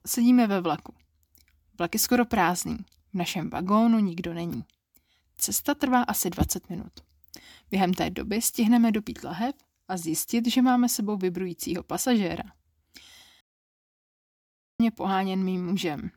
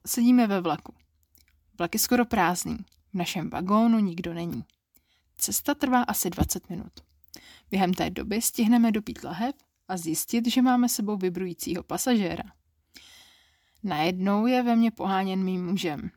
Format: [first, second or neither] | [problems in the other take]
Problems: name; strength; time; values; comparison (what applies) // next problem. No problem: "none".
second | audio cutting out; at 13 s for 1.5 s